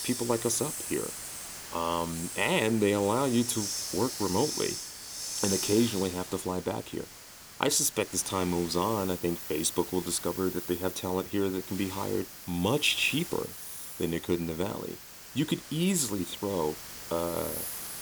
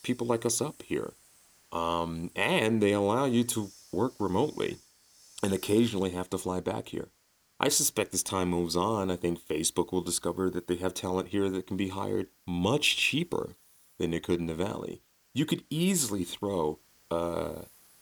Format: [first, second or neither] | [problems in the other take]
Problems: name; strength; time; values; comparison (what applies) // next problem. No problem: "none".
second | hiss; loud; throughout; 7 dB below the speech; faint in the second